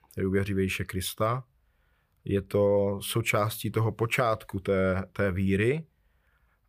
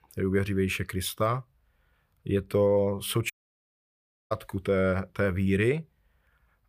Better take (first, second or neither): first